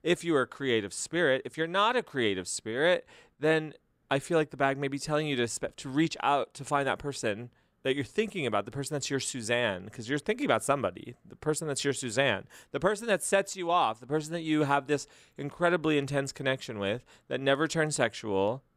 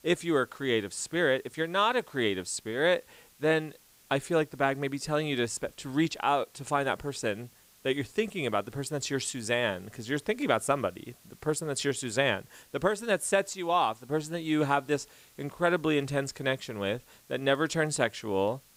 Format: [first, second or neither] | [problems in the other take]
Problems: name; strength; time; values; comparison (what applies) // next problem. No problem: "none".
first | hiss; faint; throughout; 30 dB below the speech